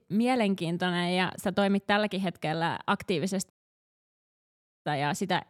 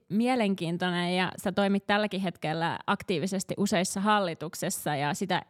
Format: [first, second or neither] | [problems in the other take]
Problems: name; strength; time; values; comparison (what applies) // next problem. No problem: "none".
second | audio cutting out; at 3.5 s for 1.5 s